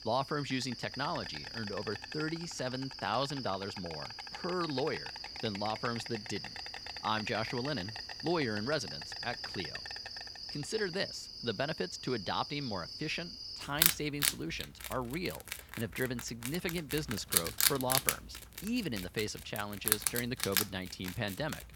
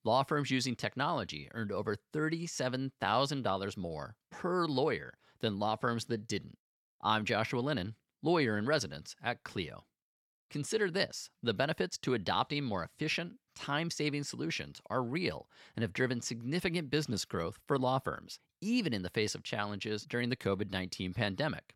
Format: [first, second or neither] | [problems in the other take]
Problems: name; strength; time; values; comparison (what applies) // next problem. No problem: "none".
second | animal sounds; very loud; throughout; as loud as the speech